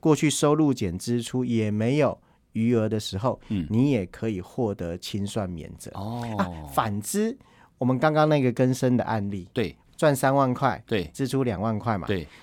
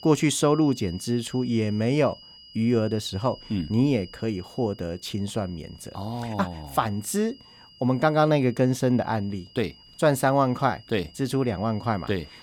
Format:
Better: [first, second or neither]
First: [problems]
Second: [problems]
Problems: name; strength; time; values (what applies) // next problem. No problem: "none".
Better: first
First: none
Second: high-pitched whine; faint; throughout; 5 kHz, 20 dB below the speech